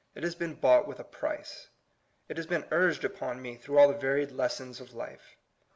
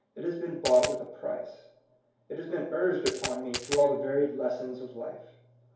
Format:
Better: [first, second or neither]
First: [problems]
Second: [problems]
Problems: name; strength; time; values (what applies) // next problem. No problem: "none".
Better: first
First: none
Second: background sound (Coin (dropping)); 6 dB below the speech // room echo; dies away in 2.4 s